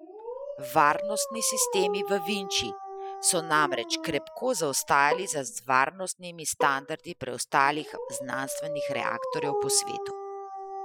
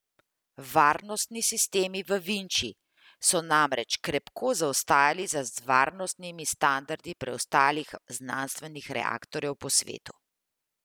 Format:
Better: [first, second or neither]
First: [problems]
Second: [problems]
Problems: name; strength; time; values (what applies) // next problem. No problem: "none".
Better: second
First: noise reduction (classical method Wiener filter)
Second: none